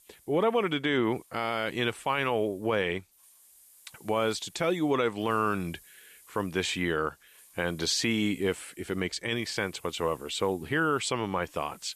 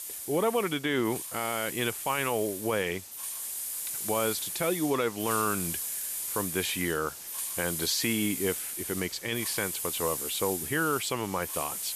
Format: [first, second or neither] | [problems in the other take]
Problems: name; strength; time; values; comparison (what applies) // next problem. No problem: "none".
first | hiss; loud; throughout; 3 dB below the speech; faint in the first